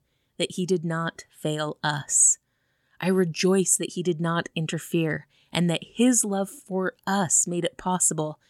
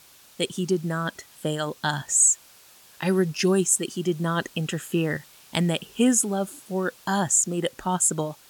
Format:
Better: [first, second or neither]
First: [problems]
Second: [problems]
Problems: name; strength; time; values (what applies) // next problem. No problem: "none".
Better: first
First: none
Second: hiss; faint; throughout; 25 dB below the speech